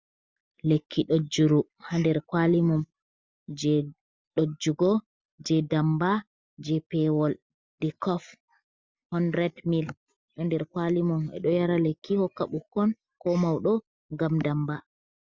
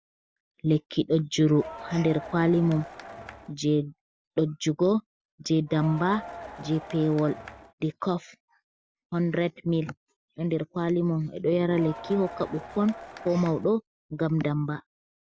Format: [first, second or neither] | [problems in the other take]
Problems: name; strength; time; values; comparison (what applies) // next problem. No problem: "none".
first | background sound (Crowd); 14 dB below the speech